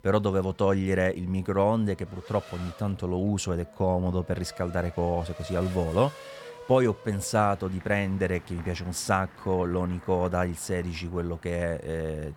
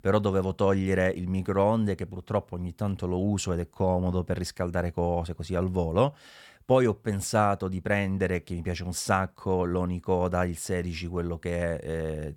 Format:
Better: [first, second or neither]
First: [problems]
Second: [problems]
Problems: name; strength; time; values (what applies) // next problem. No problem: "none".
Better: second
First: traffic noise; noticeable; throughout; 20 dB below the speech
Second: none